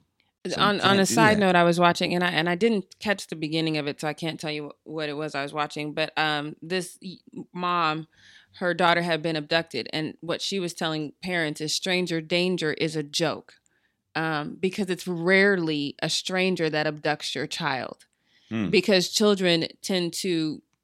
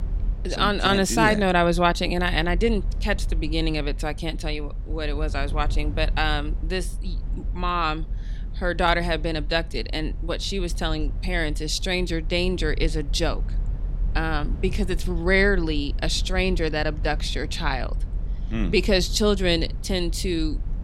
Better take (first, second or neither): first